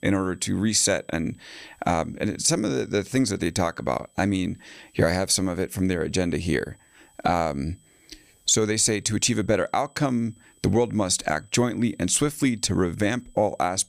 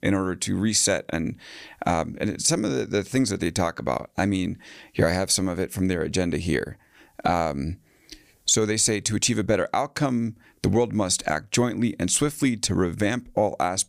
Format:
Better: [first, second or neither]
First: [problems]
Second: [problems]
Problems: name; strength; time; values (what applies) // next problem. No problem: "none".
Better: second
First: high-pitched whine; faint; throughout; 8 kHz, 35 dB below the speech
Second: none